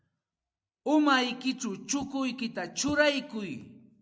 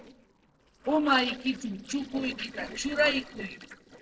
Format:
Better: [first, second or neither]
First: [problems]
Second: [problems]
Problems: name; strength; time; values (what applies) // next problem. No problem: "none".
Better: first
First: none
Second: noise reduction (neural separator model SepFormer DNS4)